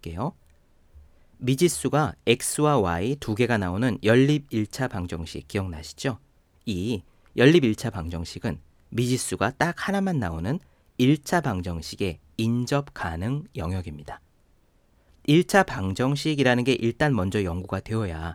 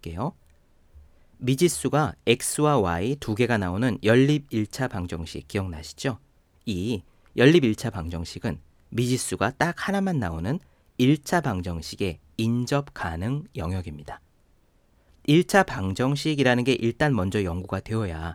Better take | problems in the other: neither | none

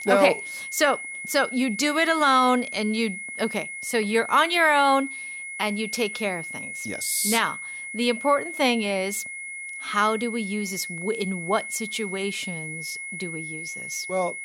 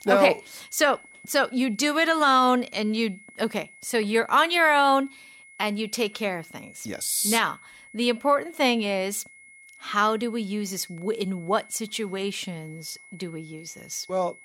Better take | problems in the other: second | high-pitched whine; loud; throughout; 2 kHz, 9 dB below the speech; faint in the second

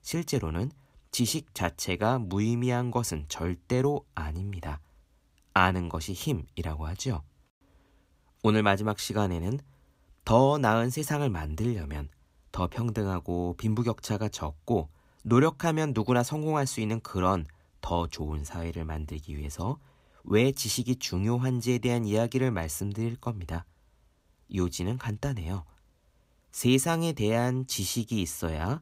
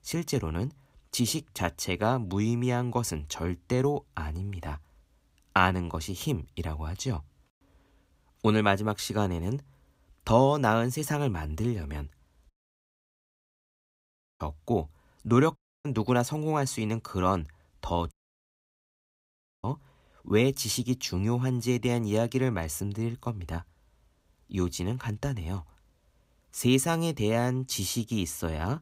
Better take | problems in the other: first | audio cutting out; at 13 s for 2 s, at 16 s and at 18 s for 1.5 s

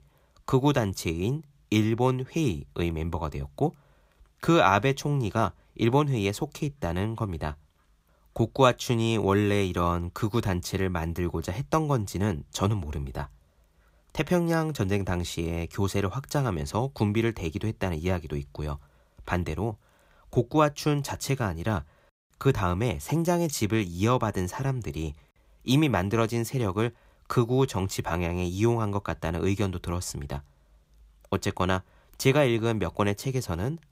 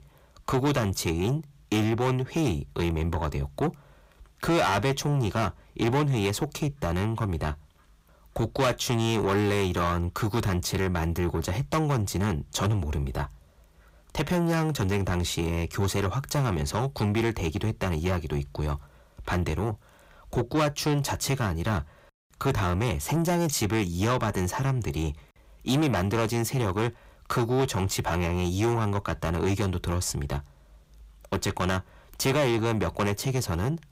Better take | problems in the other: first | distortion; heavy; 7 dB below the speech

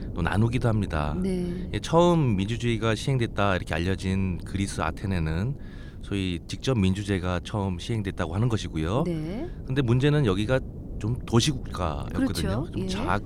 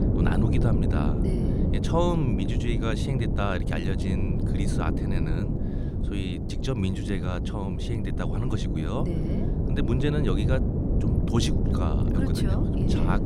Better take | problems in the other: first | wind noise on the microphone; heavy; 2 dB below the speech; occasional gusts in the first

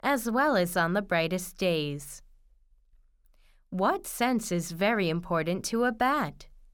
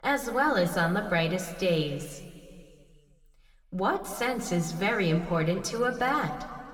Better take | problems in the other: first | room echo; slight; dies away in 2.4 s

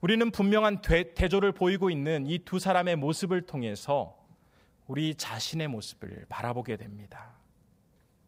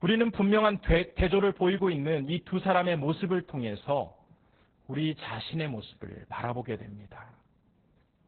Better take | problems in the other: first | garbled, watery; badly; nothing above 4 kHz

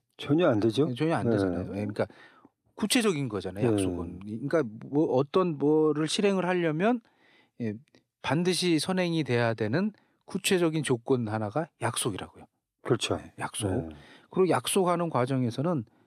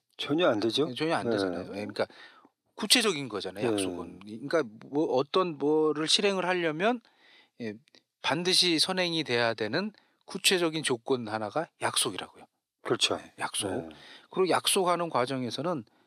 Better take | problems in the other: first | thin; very slightly; fading below 950 Hz

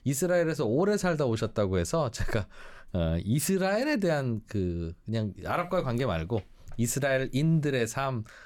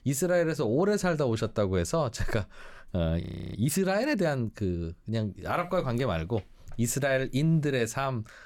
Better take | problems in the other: first | audio freezing; at 3 s

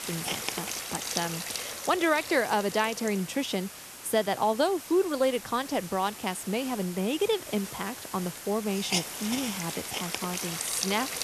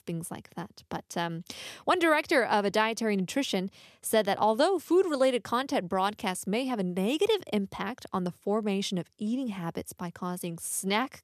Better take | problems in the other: second | hiss; loud; throughout; 6 dB below the speech

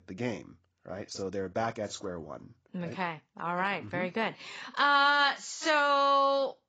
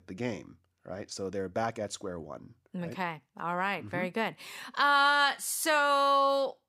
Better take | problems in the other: second | garbled, watery; badly; nothing above 7.5 kHz

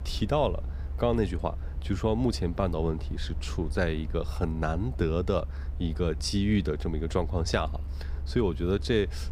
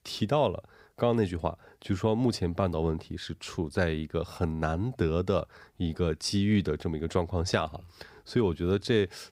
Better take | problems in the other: second | low rumble; faint; throughout; 20 dB below the speech

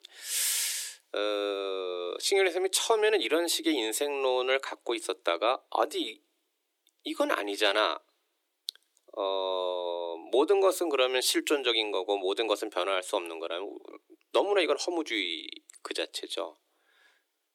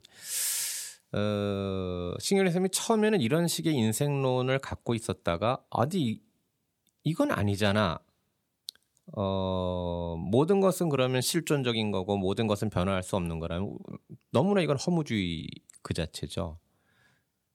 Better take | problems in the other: second | thin; very; fading below 300 Hz

